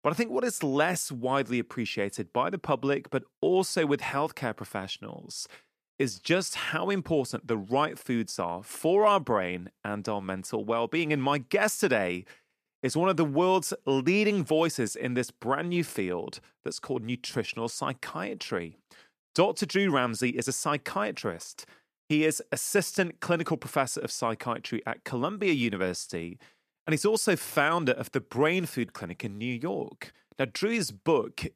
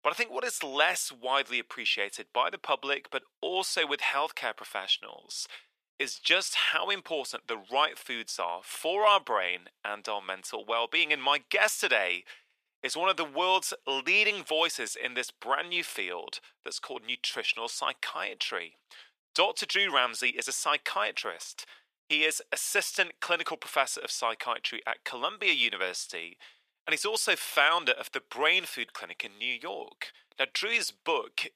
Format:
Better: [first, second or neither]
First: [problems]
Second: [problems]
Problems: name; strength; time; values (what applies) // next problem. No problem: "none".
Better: first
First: none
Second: thin; very; fading below 700 Hz